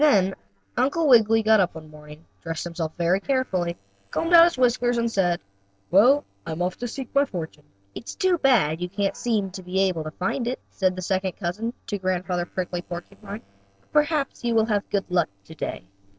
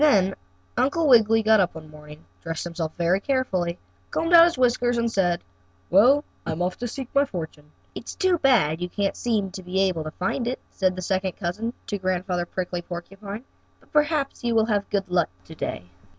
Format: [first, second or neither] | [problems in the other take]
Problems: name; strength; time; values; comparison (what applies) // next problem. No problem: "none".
second | noise reduction (neural separator model SepFormer DNS4)